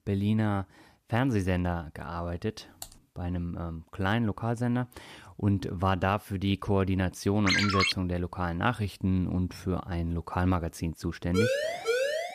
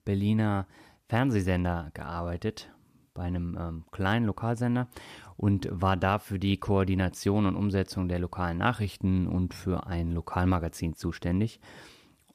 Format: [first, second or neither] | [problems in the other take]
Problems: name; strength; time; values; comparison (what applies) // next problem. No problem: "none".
second | keyboard typing; faint; at 3 s; peak 15 dB below the speech // phone ringing; loud; at 7.5 s; peak 5 dB above the speech // siren; loud; from 11 s on; peak 2 dB above the speech